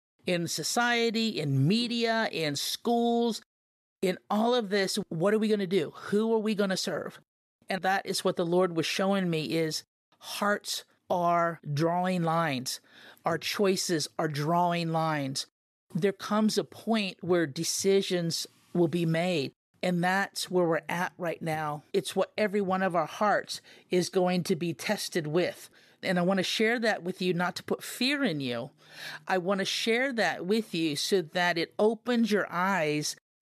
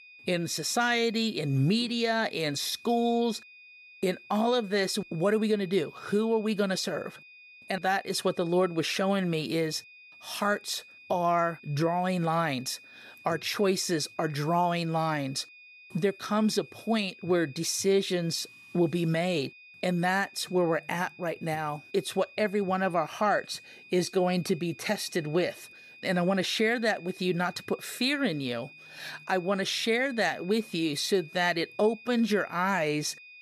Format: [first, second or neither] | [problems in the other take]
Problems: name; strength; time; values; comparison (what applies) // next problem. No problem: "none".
first | high-pitched whine; faint; throughout; 2.5 kHz, 20 dB below the speech